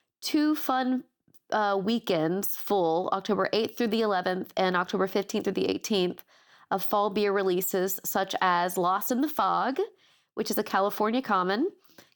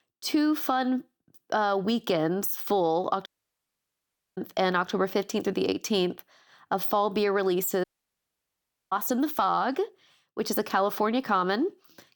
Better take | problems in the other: first | audio cutting out; at 3.5 s for 1 s and at 8 s for 1 s

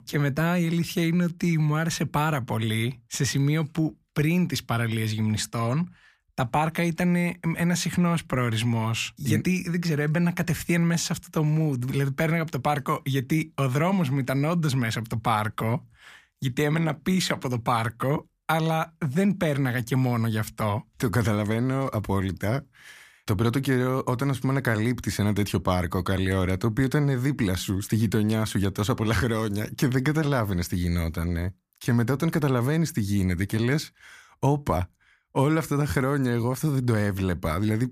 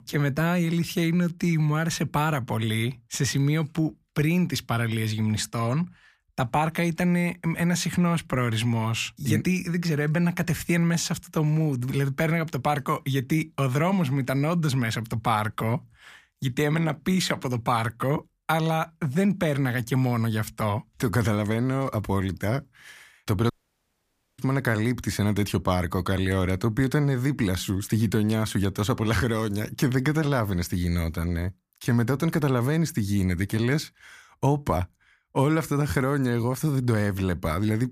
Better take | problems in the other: first | audio cutting out; at 24 s for 1 s

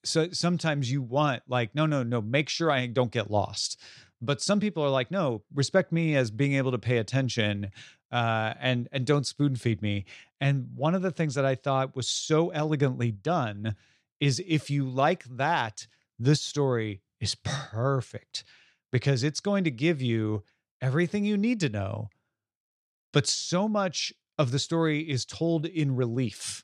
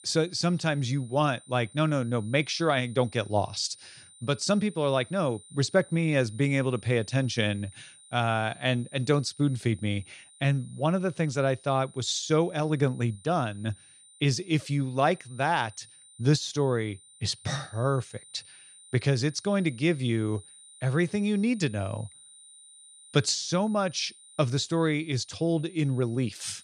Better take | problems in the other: first | high-pitched whine; faint; throughout; 9 kHz, 25 dB below the speech

